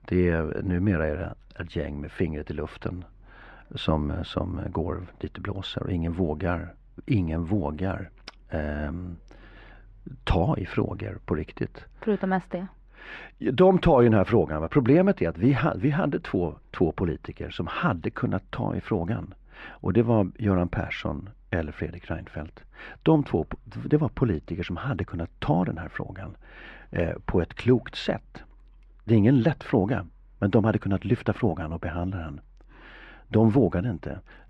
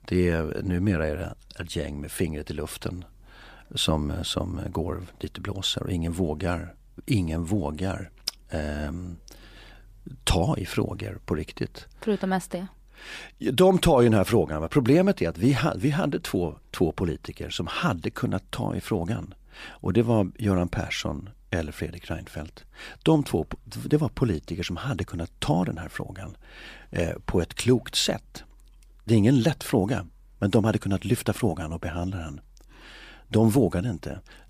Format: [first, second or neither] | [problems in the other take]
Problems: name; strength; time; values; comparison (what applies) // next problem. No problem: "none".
second | muffled; very; fading above 2 kHz